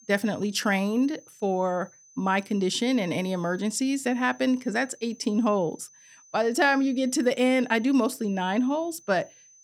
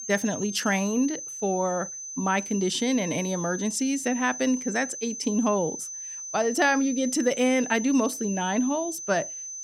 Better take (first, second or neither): first